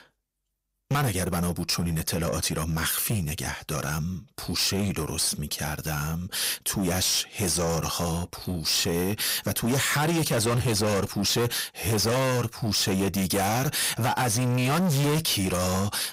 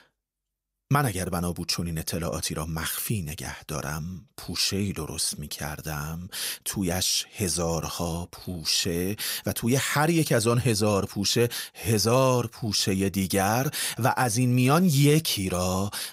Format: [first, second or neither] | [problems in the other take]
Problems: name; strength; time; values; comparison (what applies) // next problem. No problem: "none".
second | distortion; heavy; 21% of the sound clipped